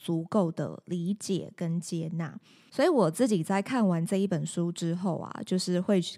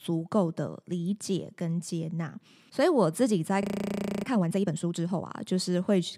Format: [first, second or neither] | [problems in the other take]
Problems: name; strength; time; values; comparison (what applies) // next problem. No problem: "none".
first | audio freezing; at 3.5 s for 0.5 s